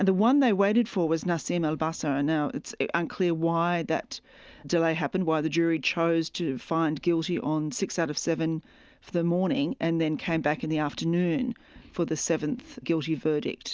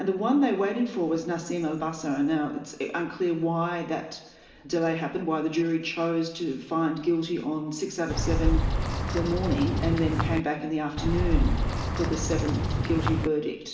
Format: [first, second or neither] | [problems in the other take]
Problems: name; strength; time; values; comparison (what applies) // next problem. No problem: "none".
first | background sound (Bird vocalization, bird call, bird song); 2 dB above the speech // room echo; dies away in 0.9 s